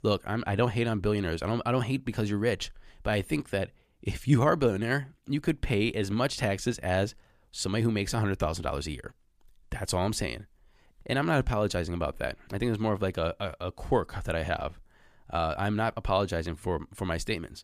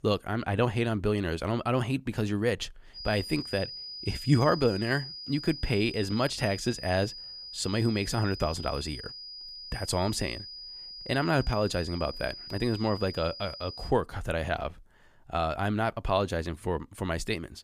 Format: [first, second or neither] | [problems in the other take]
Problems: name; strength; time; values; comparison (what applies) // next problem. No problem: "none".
first | high-pitched whine; loud; from 3 to 14 s; 5 kHz, 10 dB below the speech